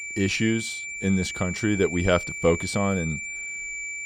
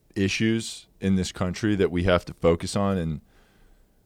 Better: second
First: high-pitched whine; loud; throughout; 2.5 kHz, 6 dB below the speech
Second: none

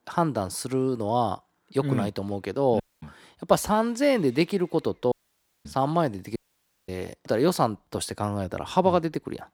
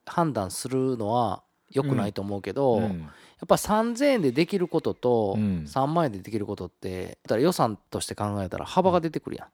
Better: second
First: audio cutting out; at 3 s, at 5 s for 0.5 s and at 6.5 s for 0.5 s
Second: none

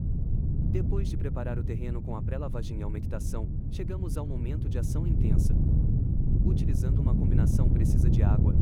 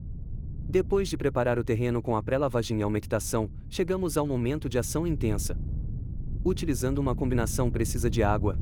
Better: second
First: wind noise on the microphone; heavy; 2 dB above the speech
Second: wind noise on the microphone; occasional gusts; 20 dB below the speech

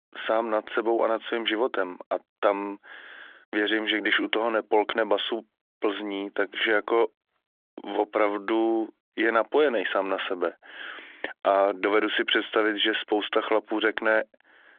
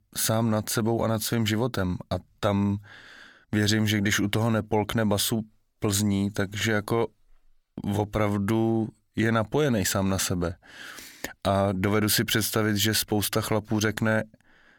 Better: second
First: phone-call audio; nothing above 3.5 kHz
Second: none

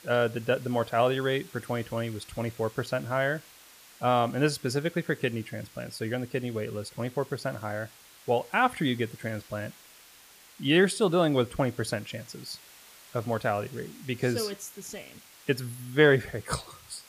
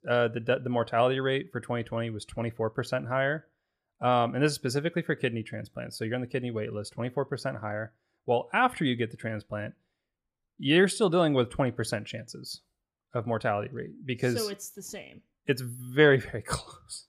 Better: second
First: hiss; faint; throughout; 20 dB below the speech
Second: none

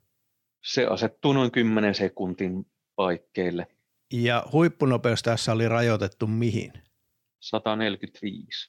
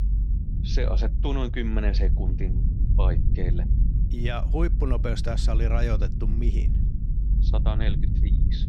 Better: first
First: none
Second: low rumble; loud; throughout; 8 dB below the speech

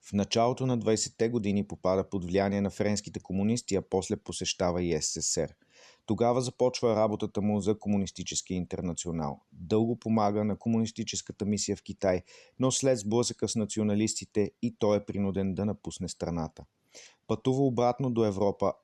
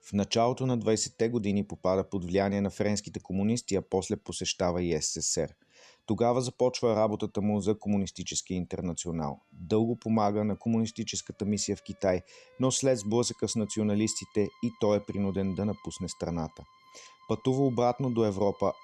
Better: first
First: none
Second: background music; faint; throughout; 30 dB below the speech

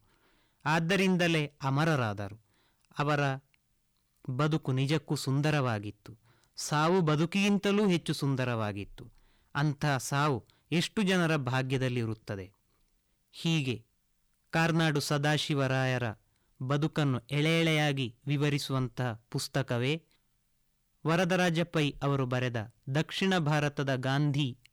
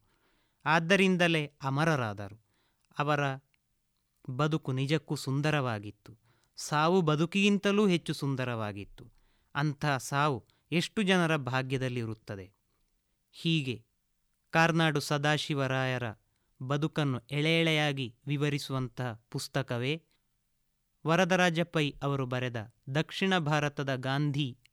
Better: second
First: distortion; slight; 10 dB below the speech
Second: none

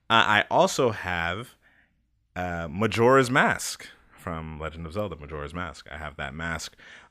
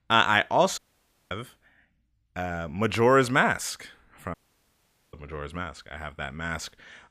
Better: first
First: none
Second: audio cutting out; at 1 s for 0.5 s and at 4.5 s for 1 s

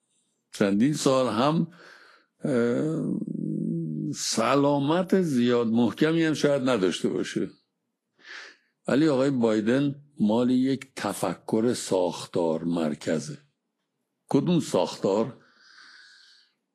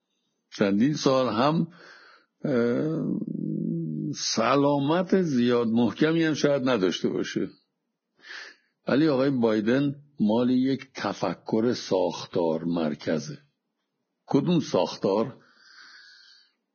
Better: first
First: garbled, watery; slightly; nothing above 12 kHz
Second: garbled, watery; badly; nothing above 6.5 kHz

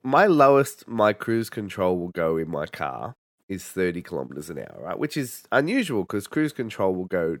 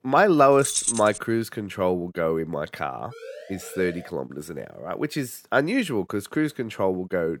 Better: first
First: none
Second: jangling keys; loud; at 0.5 s; peak 1 dB above the speech // siren; faint; at 3 s; peak 15 dB below the speech

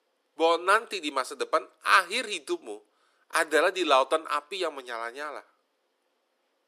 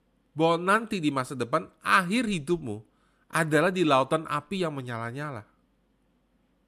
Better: second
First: thin; very; fading below 350 Hz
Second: none

